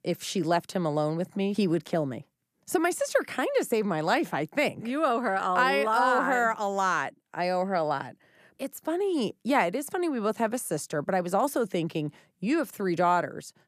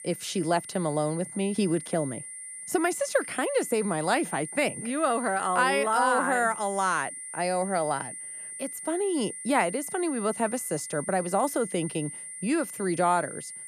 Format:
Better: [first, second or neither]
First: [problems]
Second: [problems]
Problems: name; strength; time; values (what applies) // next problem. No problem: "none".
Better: first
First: none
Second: high-pitched whine; loud; throughout; 9 kHz, 9 dB below the speech